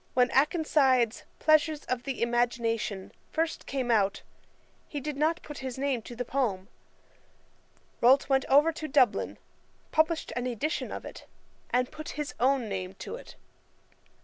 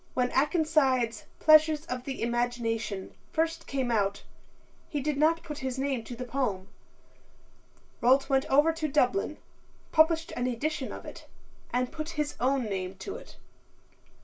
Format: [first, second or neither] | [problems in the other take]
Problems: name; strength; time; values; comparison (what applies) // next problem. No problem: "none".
first | room echo; dies away in 0.2 s